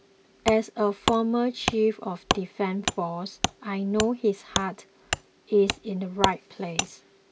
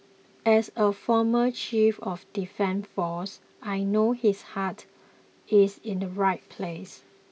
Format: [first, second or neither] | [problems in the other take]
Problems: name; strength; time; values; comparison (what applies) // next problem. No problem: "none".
second | background sound (Wood); 5 dB below the speech